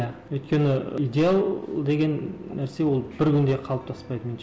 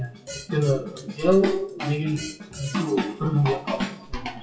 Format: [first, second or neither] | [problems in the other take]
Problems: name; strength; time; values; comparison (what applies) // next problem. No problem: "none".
first | noise reduction (classical method WPE with log-MMSE)